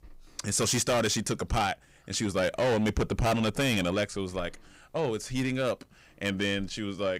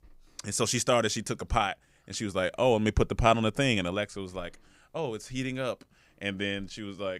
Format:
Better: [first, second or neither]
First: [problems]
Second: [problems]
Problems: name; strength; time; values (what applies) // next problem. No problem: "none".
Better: second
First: distortion; heavy; 6 dB below the speech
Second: none